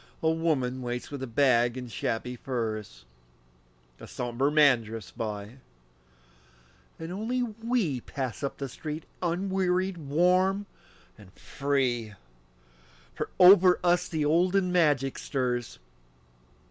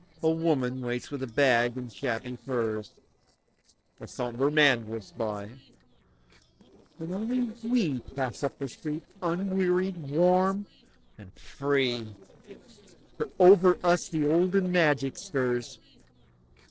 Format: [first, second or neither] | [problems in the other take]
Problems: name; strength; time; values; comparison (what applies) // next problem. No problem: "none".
first | noise reduction (neural separator model SepFormer DNS4)